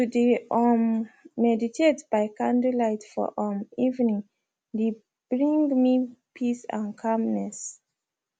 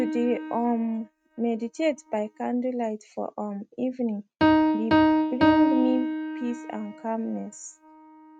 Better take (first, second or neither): first